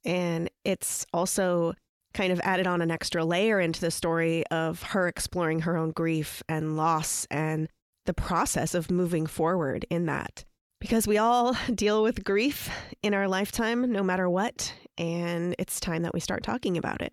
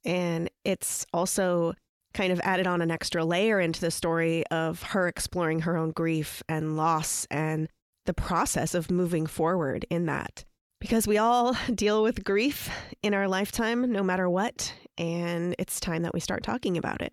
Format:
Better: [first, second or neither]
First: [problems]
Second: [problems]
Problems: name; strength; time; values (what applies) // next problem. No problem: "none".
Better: neither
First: none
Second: none